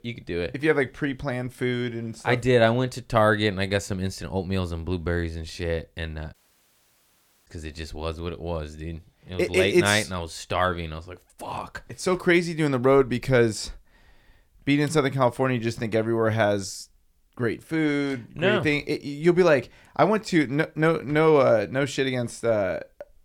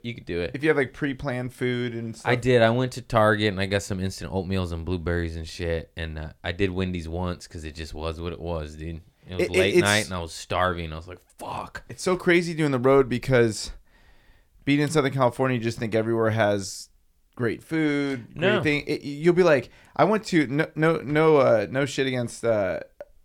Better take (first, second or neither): second